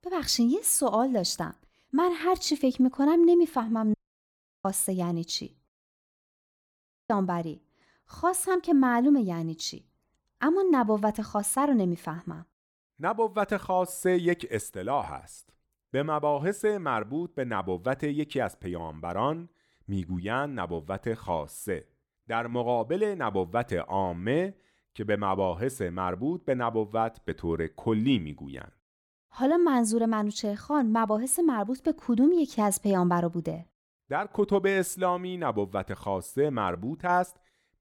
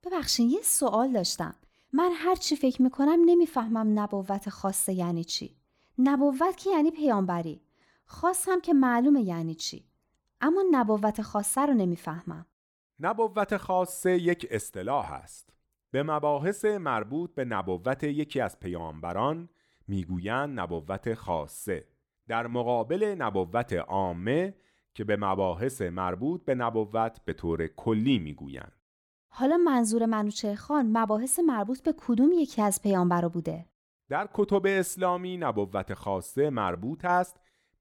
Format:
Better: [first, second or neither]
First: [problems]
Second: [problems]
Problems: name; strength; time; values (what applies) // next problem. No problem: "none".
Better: second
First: audio cutting out; at 4 s for 0.5 s and at 5.5 s for 1.5 s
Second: none